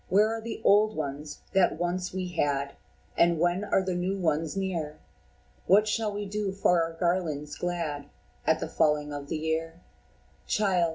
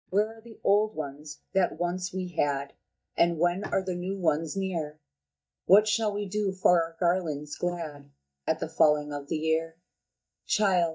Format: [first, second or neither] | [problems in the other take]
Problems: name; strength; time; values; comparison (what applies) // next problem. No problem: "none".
first | noise reduction (neural mask model DeepFilterNet 3)